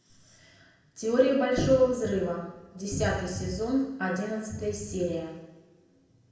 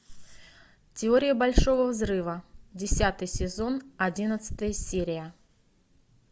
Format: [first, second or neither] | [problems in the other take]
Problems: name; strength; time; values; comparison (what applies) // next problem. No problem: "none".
second | room echo; dies away in 0.8 s